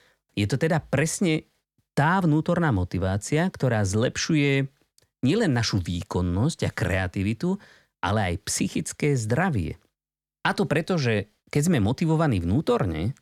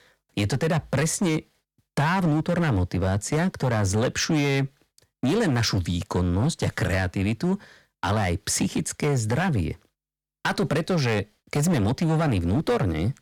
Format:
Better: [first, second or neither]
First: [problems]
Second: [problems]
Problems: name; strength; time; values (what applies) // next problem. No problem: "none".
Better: first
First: none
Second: distortion; slight; 12% of the sound clipped